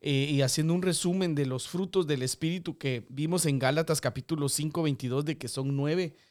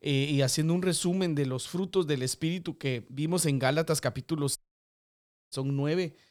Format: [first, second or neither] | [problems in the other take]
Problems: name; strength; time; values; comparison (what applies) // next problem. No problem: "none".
first | audio cutting out; at 4.5 s for 1 s